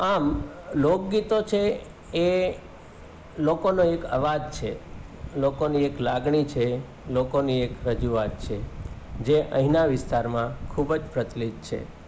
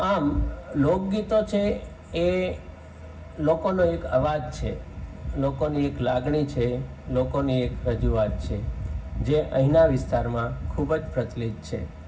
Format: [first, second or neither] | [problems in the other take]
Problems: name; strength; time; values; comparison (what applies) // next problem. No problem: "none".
first | room echo; dies away in 0.4 s